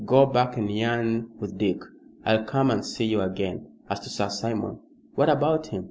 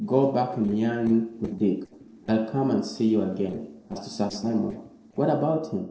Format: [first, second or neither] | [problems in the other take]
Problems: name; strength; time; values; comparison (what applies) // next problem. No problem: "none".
first | noise reduction (neural separator model SepFormer DNS4)